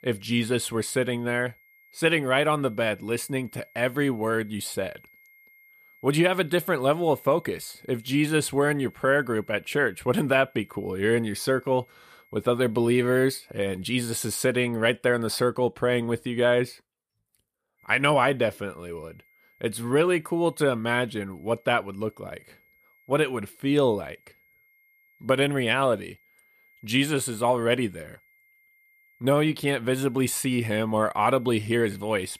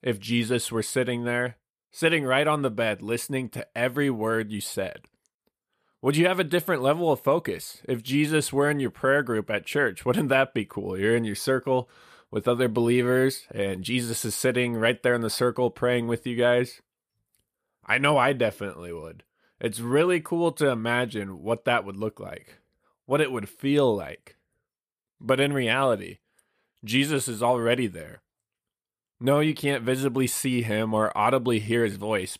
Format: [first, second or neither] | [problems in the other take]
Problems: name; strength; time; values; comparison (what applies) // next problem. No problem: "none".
second | high-pitched whine; faint; until 14 s and from 18 s on; 2 kHz, 30 dB below the speech